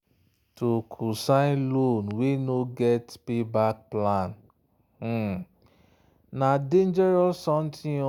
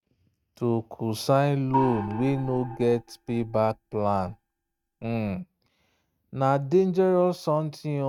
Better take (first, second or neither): first